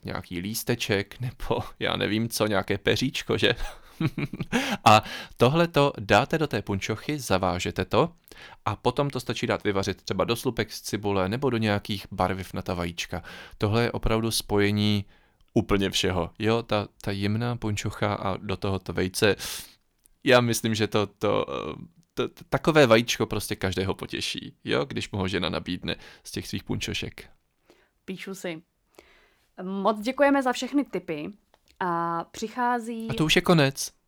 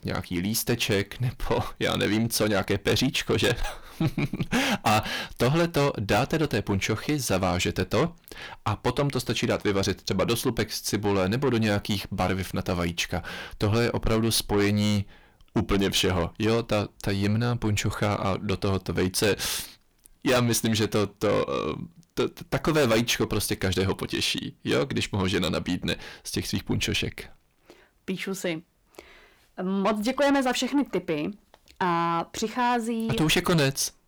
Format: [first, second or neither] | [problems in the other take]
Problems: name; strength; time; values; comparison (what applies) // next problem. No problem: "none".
first | distortion; heavy; 6 dB below the speech